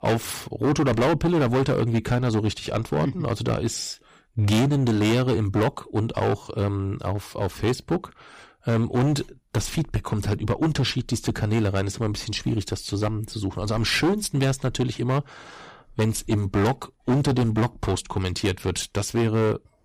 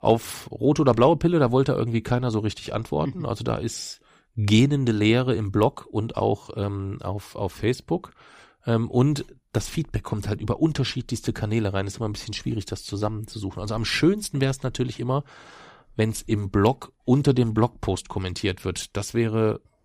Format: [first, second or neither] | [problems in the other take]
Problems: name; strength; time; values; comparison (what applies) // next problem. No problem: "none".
second | distortion; heavy; 11% of the sound clipped